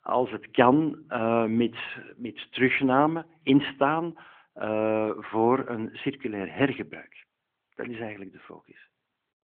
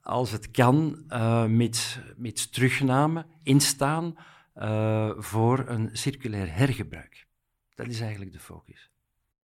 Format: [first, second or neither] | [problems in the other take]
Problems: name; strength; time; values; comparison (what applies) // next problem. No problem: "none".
second | phone-call audio